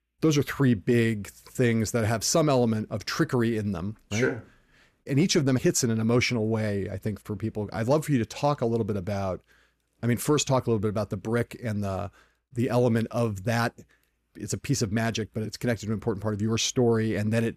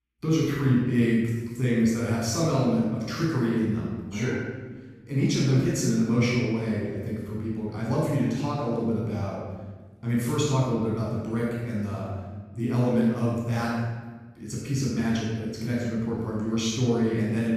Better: first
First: none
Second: off-mic speech; far // room echo; strong; dies away in 1.2 s

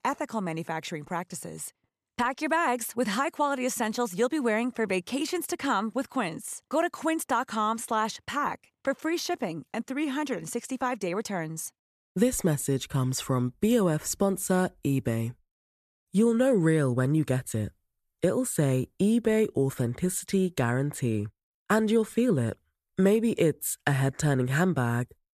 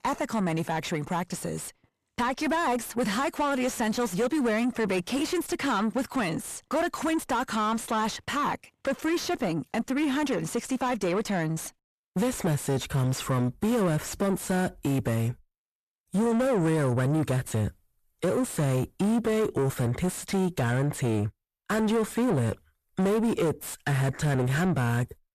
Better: first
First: none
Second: distortion; heavy; 7 dB below the speech

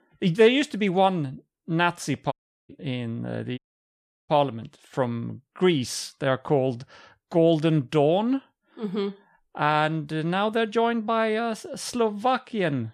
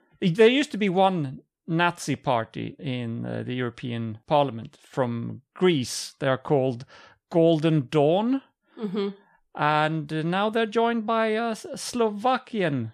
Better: second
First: audio cutting out; at 2.5 s and at 3.5 s for 0.5 s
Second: none

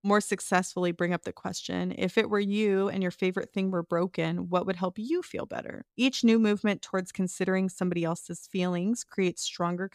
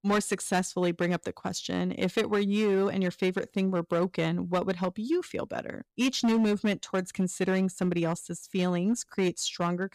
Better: first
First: none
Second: distortion; slight; 7% of the sound clipped

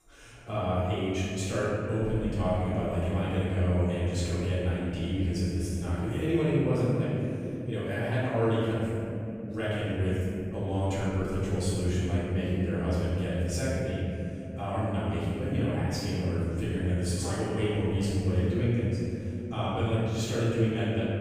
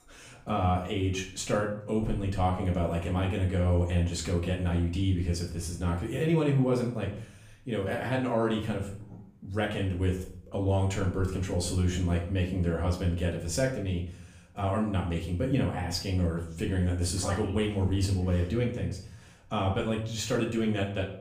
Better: second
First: room echo; strong; dies away in 3 s // off-mic speech; far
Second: room echo; slight; dies away in 0.5 s // off-mic speech; far

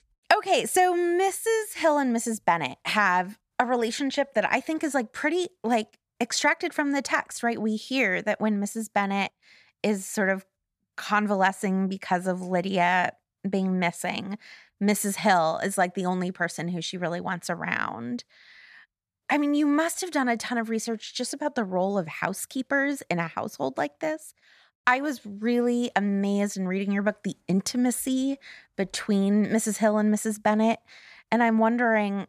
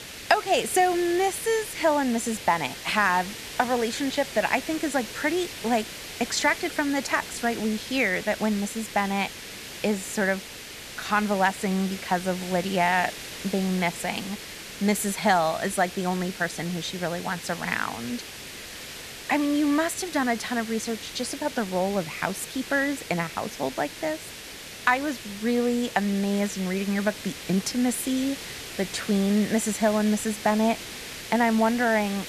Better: first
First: none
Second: hiss; noticeable; throughout; 10 dB below the speech

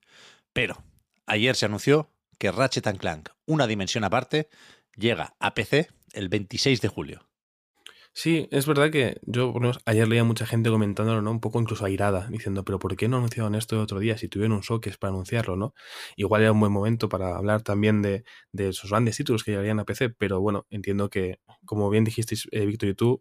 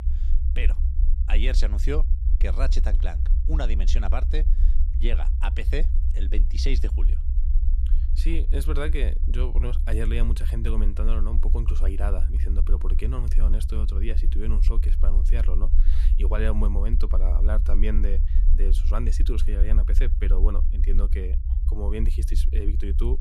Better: first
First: none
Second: low rumble; loud; throughout; 10 dB below the speech

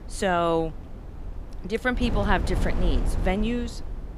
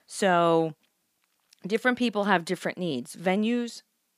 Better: second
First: wind noise on the microphone; occasional gusts; 15 dB below the speech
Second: none

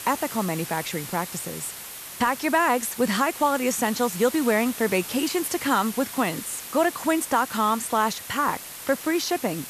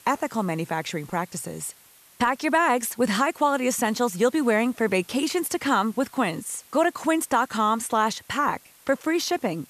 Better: second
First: hiss; loud; throughout; 10 dB below the speech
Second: hiss; faint; throughout; 25 dB below the speech

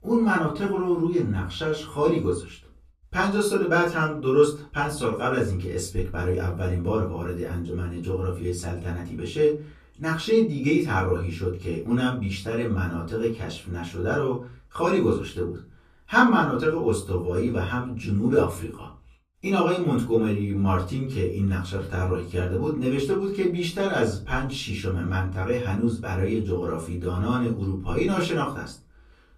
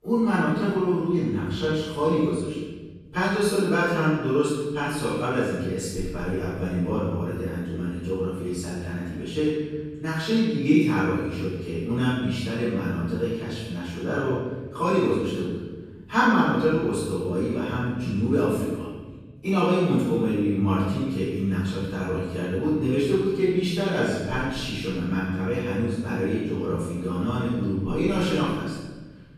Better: first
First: room echo; slight; dies away in 0.3 s // off-mic speech; far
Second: room echo; strong; dies away in 1.4 s // off-mic speech; far

